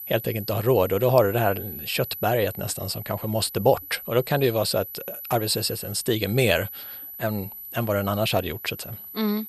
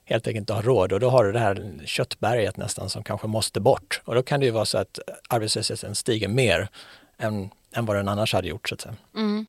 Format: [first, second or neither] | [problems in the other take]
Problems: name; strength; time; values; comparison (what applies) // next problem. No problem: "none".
second | high-pitched whine; noticeable; throughout; 12 kHz, 10 dB below the speech